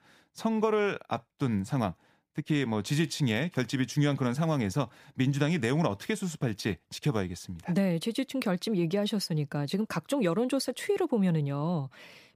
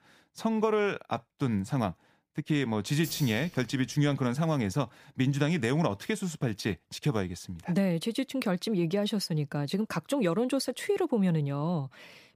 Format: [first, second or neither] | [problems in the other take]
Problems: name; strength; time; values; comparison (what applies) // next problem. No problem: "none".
first | jangling keys; noticeable; from 3 to 4 s; peak 10 dB below the speech